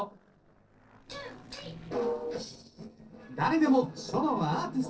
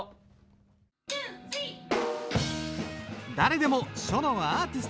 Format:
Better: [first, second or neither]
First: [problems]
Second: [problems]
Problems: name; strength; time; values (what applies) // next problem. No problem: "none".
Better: second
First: noise reduction (neural separator model SepFormer DNS4)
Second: none